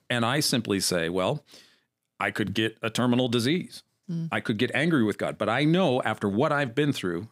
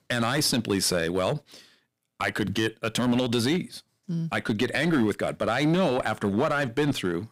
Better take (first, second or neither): first